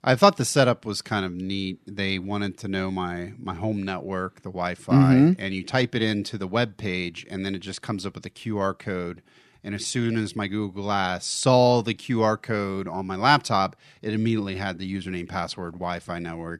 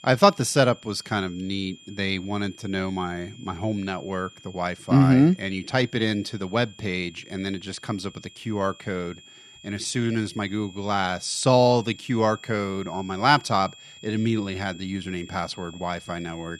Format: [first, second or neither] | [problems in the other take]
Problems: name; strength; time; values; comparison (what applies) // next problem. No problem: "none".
first | high-pitched whine; faint; throughout; 3 kHz, 20 dB below the speech